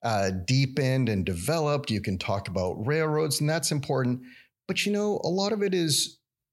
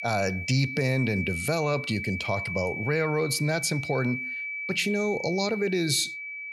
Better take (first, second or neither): first